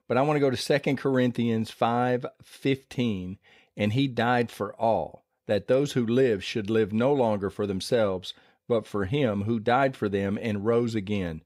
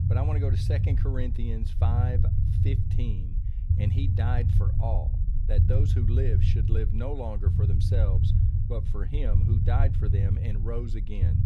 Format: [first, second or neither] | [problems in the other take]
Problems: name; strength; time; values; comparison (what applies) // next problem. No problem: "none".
first | low rumble; loud; throughout; 2 dB below the speech